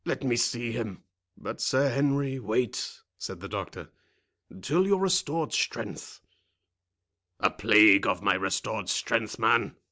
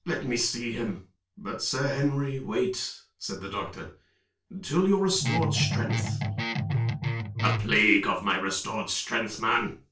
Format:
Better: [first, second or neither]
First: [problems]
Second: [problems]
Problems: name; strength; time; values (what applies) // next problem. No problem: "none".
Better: first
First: none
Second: background sound (Guitar); 1 dB above the speech // room echo; dies away in 0.3 s